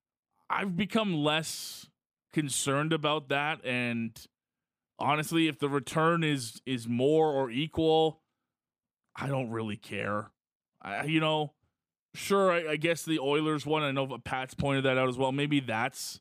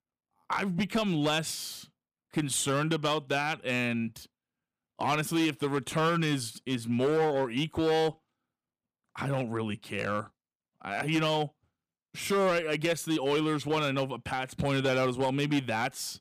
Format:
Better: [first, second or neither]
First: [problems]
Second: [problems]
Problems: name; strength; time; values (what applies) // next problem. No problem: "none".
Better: first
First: none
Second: distortion; slight; 7% of the sound clipped